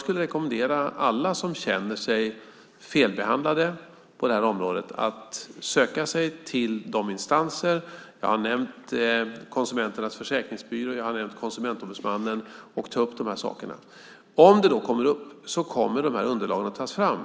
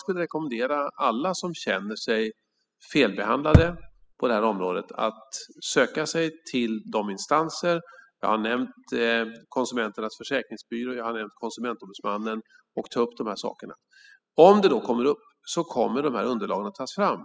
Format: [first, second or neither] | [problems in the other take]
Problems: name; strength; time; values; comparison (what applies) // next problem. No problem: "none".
first | noise reduction (classical method spectral subtraction)